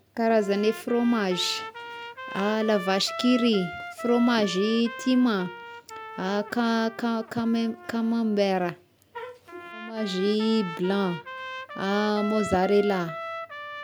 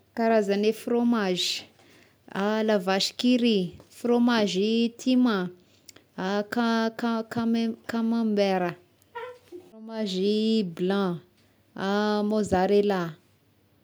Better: second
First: background sound (Trumpet); 13 dB below the speech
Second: none

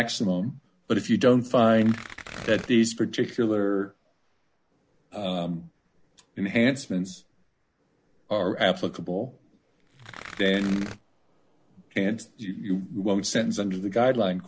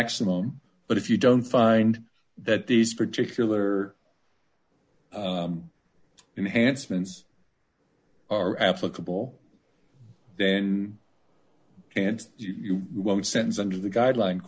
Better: second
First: background sound (Tearing); 14 dB below the speech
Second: none

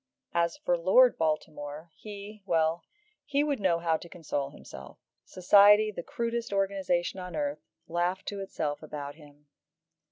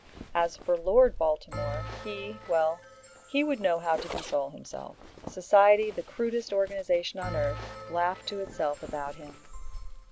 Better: first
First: none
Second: background sound (Zipper (clothing) + Bell); 12 dB below the speech

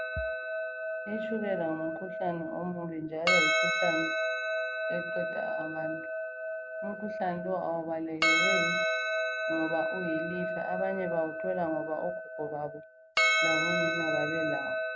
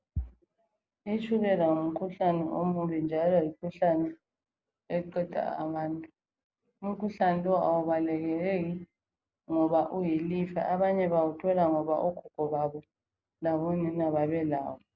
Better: second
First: background sound (Percussion); 4 dB above the speech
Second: none

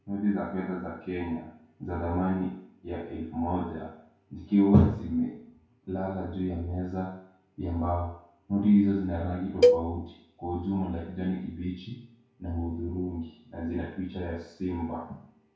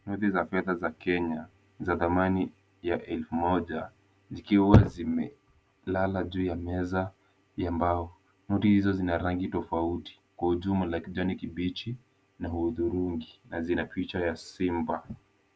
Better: second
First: background sound (Cowbell); 3 dB above the speech // room echo; dies away in 0.6 s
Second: none

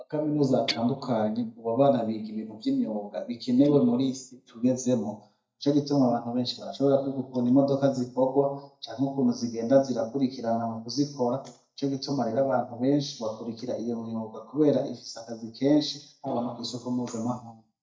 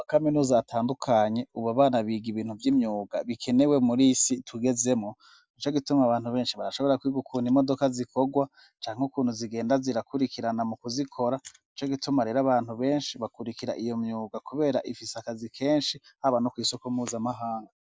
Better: second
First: noise reduction (neural mask model DeepFilterNet 3)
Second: none

